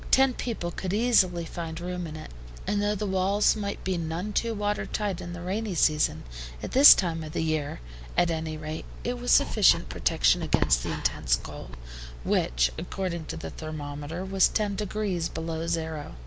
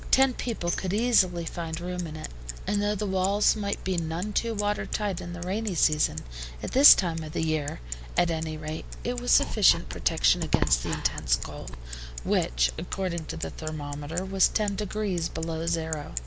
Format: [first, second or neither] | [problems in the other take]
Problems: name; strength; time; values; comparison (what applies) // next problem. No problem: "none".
first | background sound (Tambourine + Bicycle); 14 dB below the speech